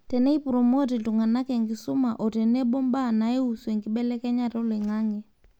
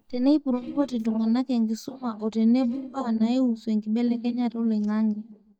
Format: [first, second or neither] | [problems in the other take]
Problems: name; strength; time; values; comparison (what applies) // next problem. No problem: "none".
first | noise reduction (neural mask model DeepFilterNet 3)